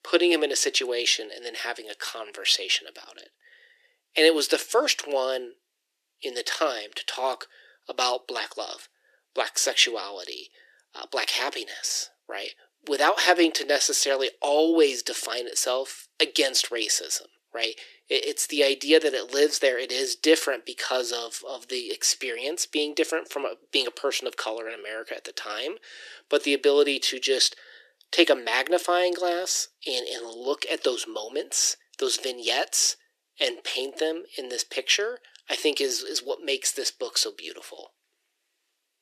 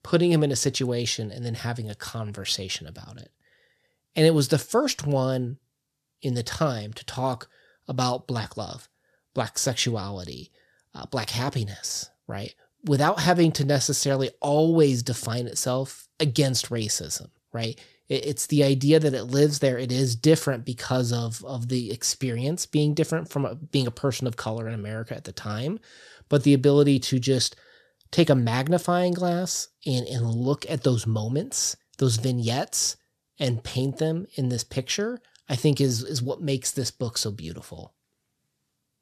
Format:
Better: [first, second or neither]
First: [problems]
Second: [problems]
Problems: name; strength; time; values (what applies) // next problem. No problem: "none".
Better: second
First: thin; very; fading below 350 Hz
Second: none